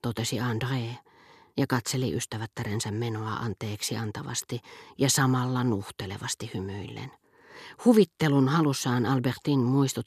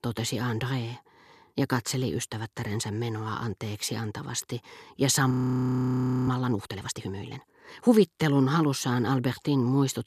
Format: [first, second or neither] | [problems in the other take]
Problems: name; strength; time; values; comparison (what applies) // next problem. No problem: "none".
first | audio freezing; at 5.5 s for 1 s